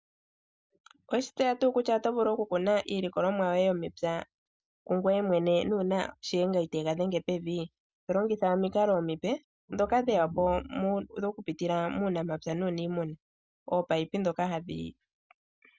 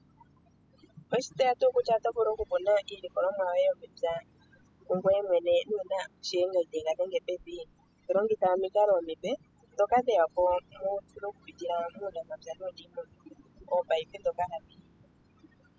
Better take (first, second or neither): first